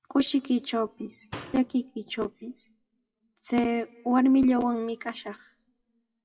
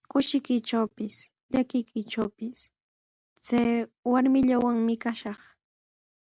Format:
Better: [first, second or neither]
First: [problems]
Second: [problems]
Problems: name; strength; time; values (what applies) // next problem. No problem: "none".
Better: second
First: noise reduction (classical method WPE with log-MMSE)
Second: none